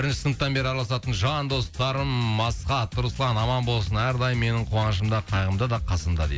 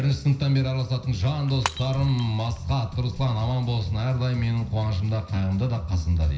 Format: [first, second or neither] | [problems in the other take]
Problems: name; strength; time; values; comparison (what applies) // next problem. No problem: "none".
first | background sound (Shatter / Crushing); 15 dB below the speech // room echo; dies away in 0.5 s